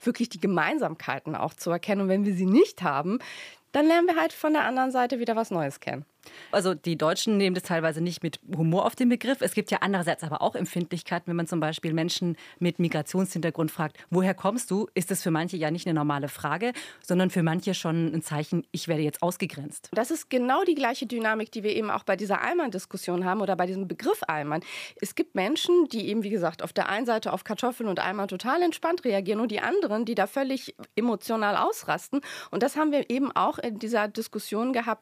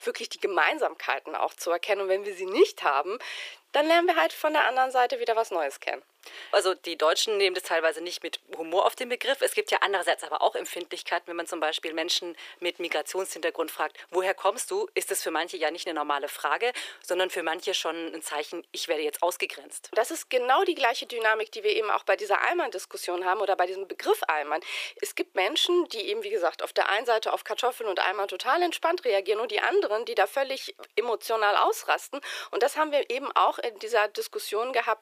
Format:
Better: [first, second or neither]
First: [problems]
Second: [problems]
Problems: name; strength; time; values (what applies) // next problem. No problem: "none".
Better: first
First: none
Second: thin; very; fading below 400 Hz